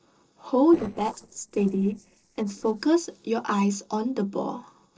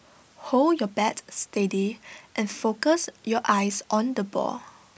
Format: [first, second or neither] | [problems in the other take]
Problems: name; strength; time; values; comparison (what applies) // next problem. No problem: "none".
second | noise reduction (neural separator model SepFormer DNS4)